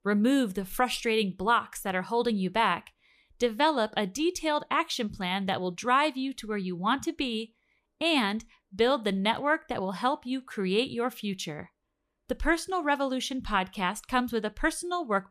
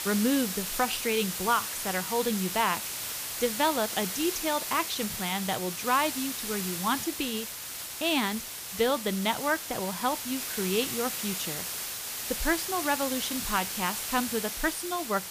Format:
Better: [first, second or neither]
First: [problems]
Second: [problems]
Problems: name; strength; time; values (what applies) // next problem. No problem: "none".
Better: first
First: none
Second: hiss; loud; throughout; 3 dB below the speech